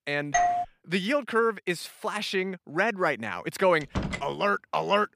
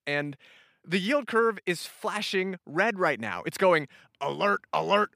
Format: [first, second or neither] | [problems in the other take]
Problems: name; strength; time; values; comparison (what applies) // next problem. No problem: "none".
second | doorbell; loud; at 0.5 s; peak 3 dB above the speech // door banging; noticeable; at 4 s; peak 5 dB below the speech